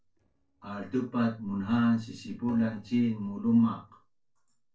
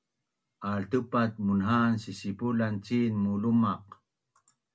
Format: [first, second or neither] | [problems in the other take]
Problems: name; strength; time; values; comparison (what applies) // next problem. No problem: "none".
second | noise reduction (neural separator model SepFormer DNS4)